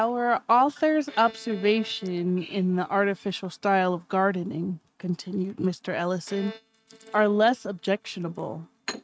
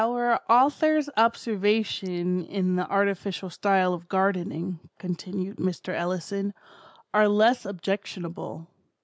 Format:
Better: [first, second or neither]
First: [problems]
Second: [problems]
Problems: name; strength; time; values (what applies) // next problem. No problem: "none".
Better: second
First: noise reduction (neural mask model RNNoise)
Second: none